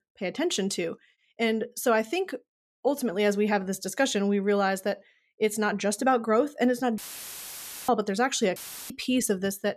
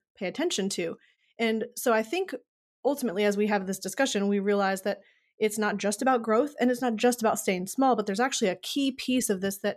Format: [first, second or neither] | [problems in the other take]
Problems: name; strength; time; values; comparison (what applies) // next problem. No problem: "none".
second | audio cutting out; filled with static; at 7 s for 1 s and at 8.5 s